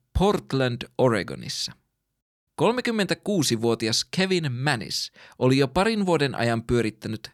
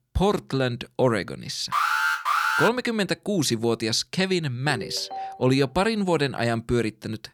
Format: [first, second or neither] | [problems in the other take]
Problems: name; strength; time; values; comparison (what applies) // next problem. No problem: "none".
first | alarm; loud; at 1.5 s; peak 3 dB above the speech // phone ringing; faint; at 4.5 s; peak 10 dB below the speech